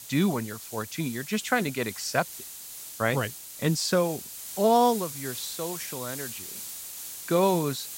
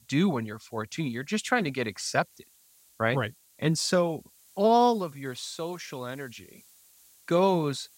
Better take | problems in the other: second | hiss; loud; throughout; 10 dB below the speech; faint in the second

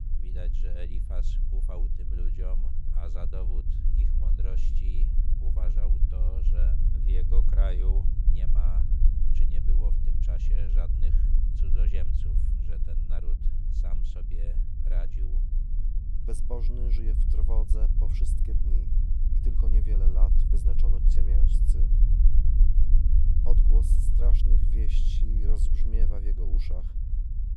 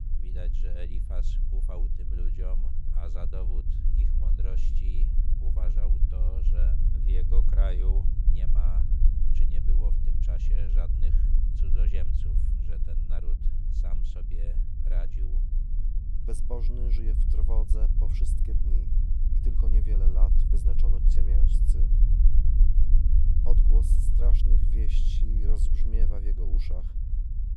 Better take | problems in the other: neither | low rumble; loud; throughout; 1 dB below the speech; the same in both

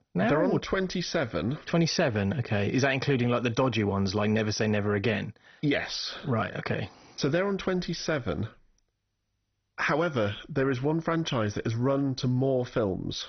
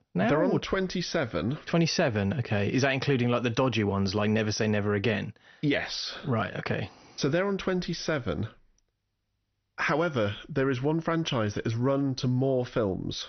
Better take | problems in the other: second | garbled, watery; badly; nothing above 6 kHz; slightly in the second

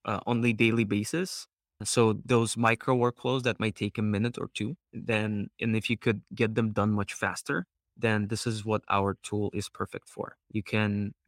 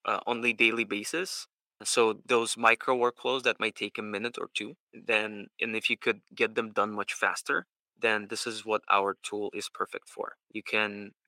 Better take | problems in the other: first | thin; somewhat; fading below 450 Hz

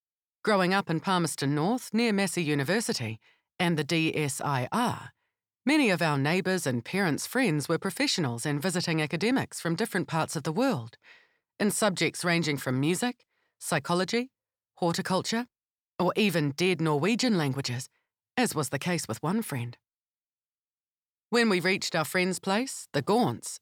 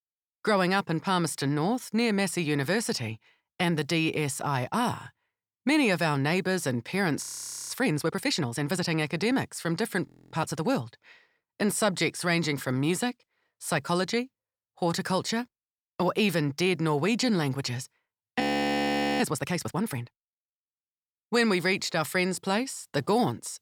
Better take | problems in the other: first | audio freezing; at 7 s, at 10 s and at 18 s for 1 s

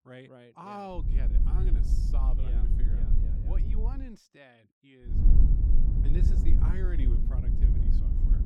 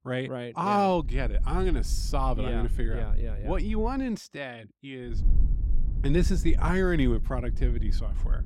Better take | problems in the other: second | low rumble; loud; from 1 to 4 s and from 5 s on; 1 dB below the speech; faint in the second

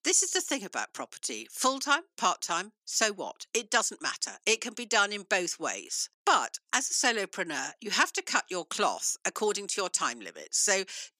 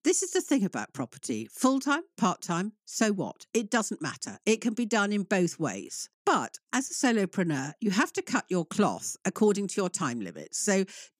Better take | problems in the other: second | thin; very; fading below 600 Hz

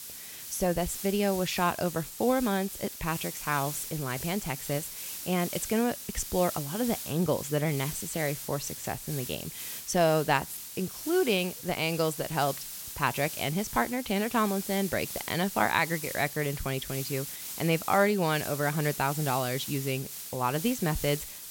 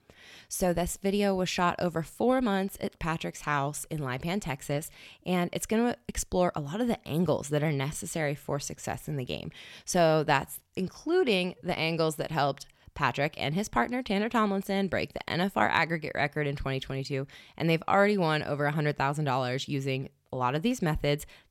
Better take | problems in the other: second | hiss; loud; throughout; 8 dB below the speech

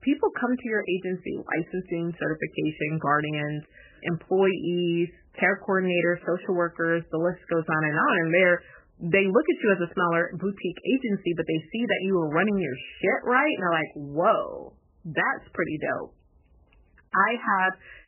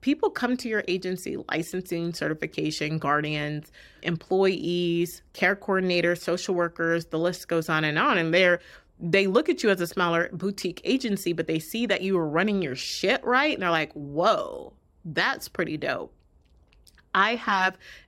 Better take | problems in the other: second | garbled, watery; badly; nothing above 3 kHz

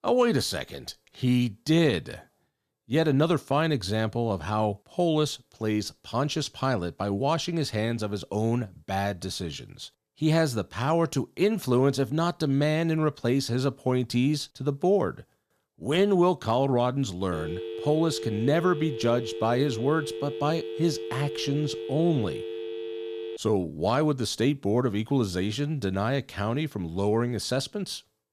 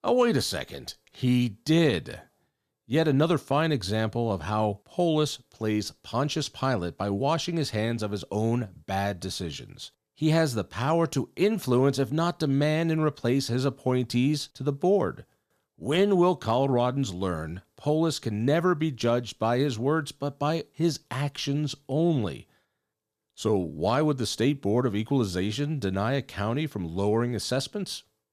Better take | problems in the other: second | phone ringing; noticeable; from 17 to 23 s; peak 8 dB below the speech

